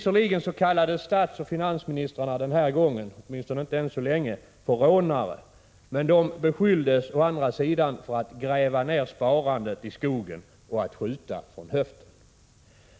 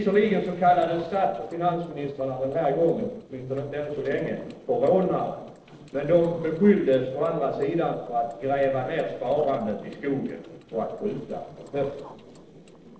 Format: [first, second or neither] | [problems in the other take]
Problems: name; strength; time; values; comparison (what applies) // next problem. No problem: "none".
first | noise reduction (neural separator model SepFormer DNS4)